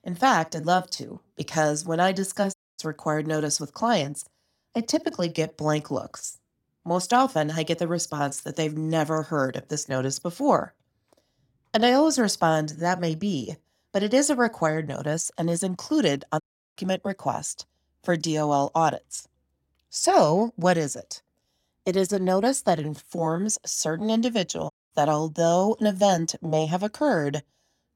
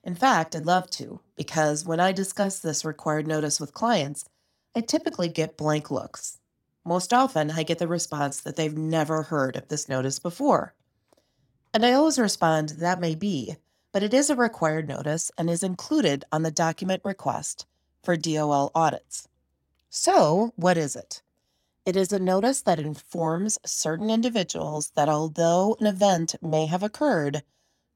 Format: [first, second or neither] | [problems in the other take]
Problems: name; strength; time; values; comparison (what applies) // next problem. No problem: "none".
second | audio cutting out; at 2.5 s, at 16 s and at 25 s